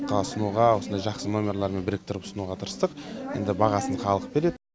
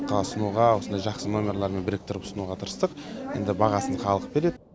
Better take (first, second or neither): first